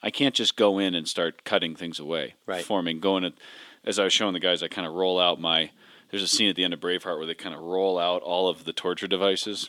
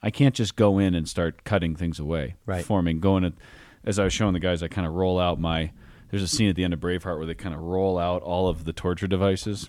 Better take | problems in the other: second | thin; somewhat; fading below 300 Hz

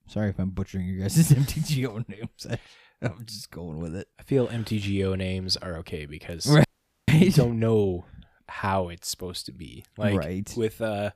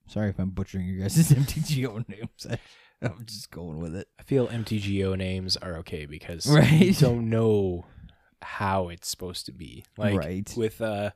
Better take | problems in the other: second | audio freezing; at 6.5 s

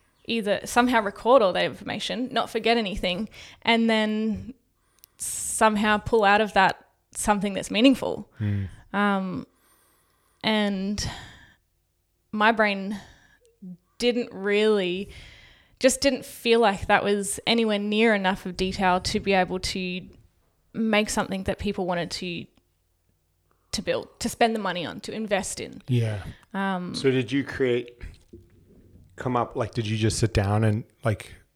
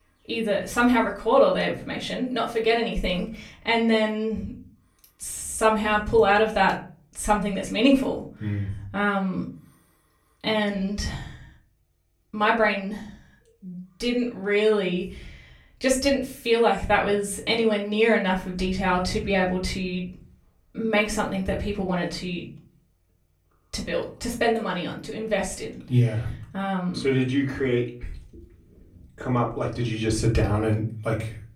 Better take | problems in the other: first | off-mic speech; far // room echo; slight; dies away in 0.4 s

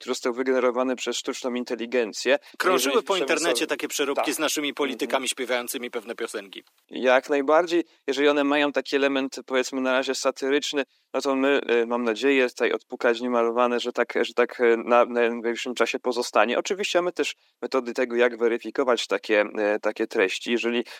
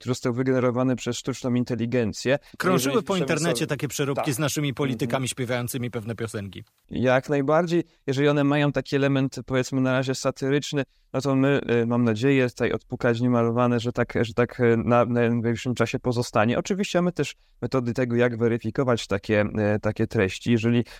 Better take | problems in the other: second | thin; somewhat; fading below 300 Hz

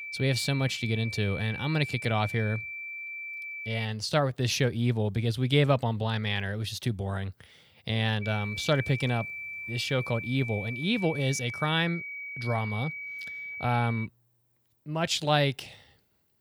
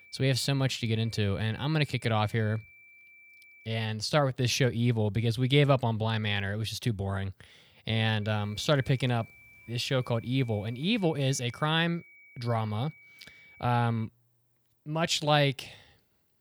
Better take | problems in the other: second | high-pitched whine; loud; until 4 s and from 8 to 14 s; 2.5 kHz, 7 dB below the speech; faint in the second

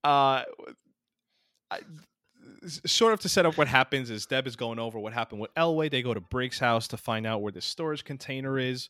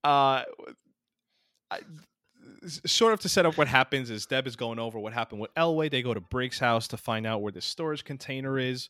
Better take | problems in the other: neither | none

